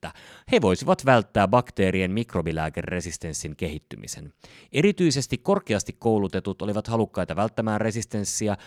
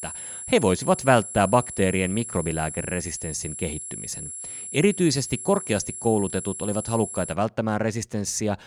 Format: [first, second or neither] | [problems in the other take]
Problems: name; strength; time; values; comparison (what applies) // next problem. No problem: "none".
first | high-pitched whine; loud; until 7.5 s; 10.5 kHz, 8 dB below the speech